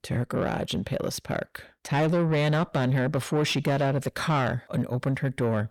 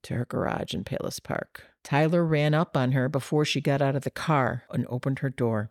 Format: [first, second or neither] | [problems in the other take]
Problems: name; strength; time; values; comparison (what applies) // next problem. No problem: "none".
second | distortion; slight; 10 dB below the speech